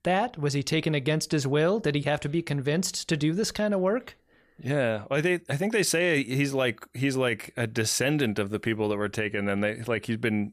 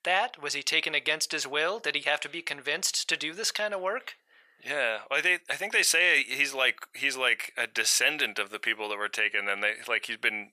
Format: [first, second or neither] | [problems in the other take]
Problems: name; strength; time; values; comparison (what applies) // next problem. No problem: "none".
first | thin; very; fading below 800 Hz